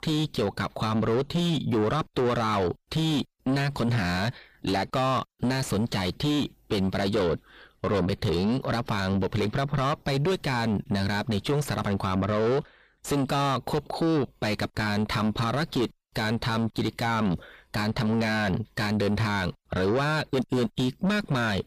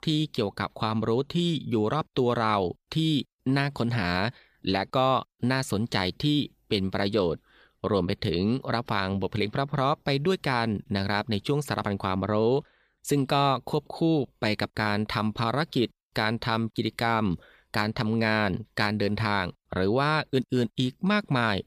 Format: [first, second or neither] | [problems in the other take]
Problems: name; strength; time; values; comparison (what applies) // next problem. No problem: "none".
second | distortion; heavy; 5 dB below the speech